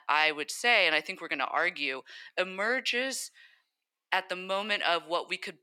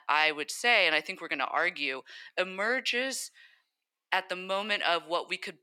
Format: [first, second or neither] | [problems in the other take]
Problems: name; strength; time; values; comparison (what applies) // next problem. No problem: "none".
neither | thin; somewhat; fading below 500 Hz; the same in both